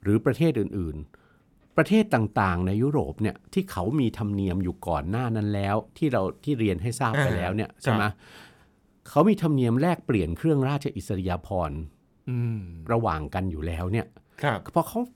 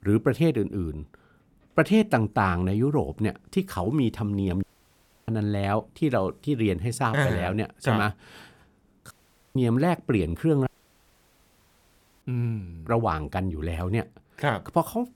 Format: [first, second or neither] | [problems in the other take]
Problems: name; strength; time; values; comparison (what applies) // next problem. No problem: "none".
first | audio cutting out; at 4.5 s for 0.5 s, at 9 s and at 11 s for 1.5 s